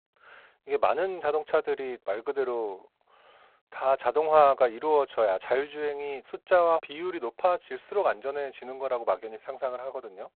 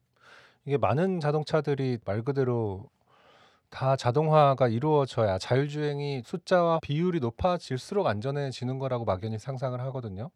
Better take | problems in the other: second | phone-call audio; poor line; nothing above 4 kHz

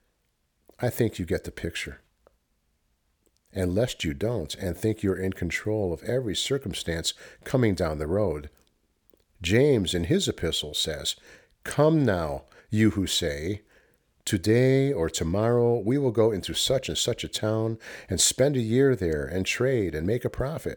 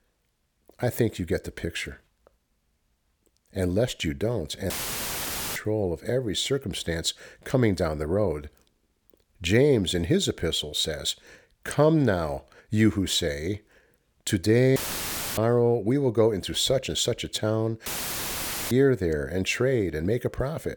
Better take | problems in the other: first | audio cutting out; filled with static; at 4.5 s for 1 s, at 15 s for 0.5 s and at 18 s for 1 s

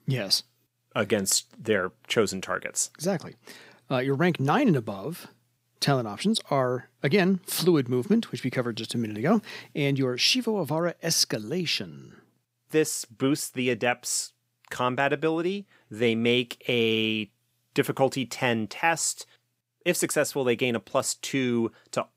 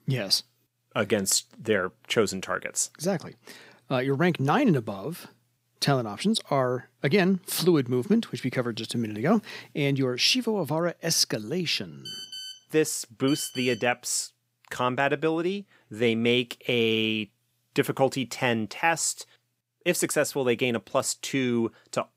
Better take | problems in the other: first | phone ringing; noticeable; from 12 to 14 s; peak 9 dB below the speech

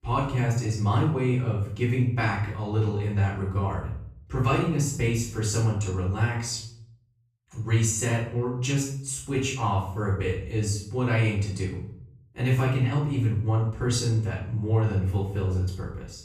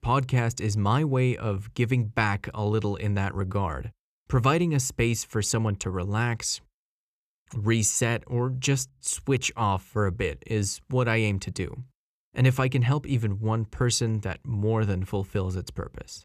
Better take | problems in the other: second | off-mic speech; far // room echo; noticeable; dies away in 0.6 s

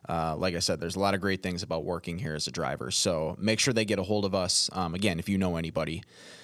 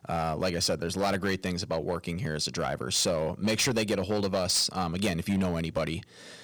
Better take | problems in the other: first | distortion; slight; 5% of the sound clipped

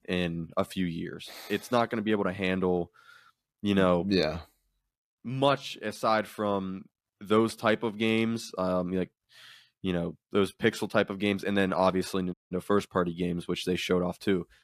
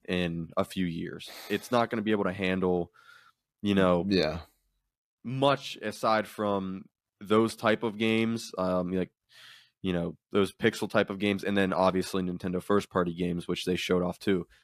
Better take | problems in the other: second | audio cutting out; at 12 s

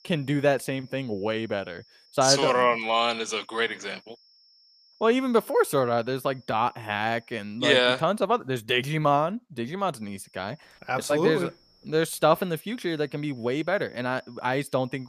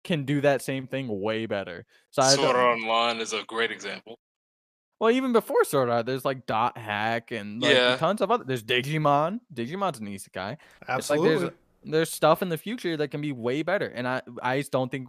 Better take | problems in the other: second | high-pitched whine; faint; until 7.5 s and from 10 s on; 5.5 kHz, 30 dB below the speech

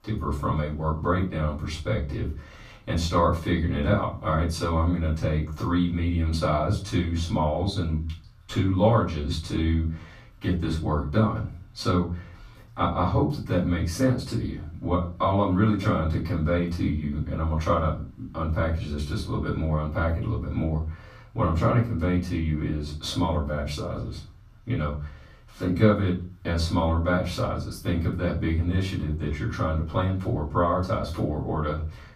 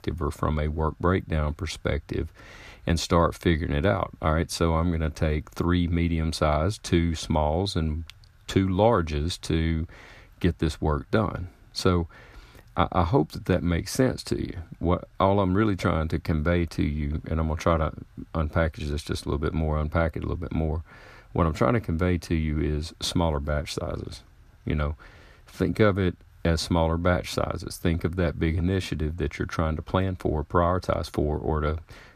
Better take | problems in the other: second | room echo; slight; dies away in 0.3 s // off-mic speech; far

